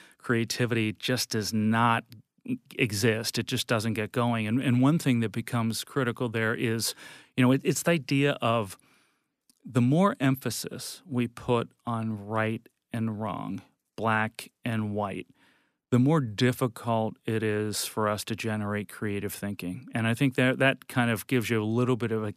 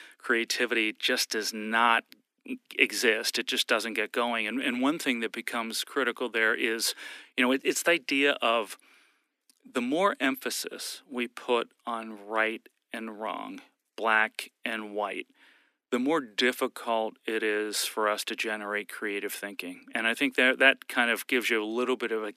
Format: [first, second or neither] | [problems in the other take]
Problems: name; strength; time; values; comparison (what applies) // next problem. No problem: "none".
first | thin; somewhat; fading below 300 Hz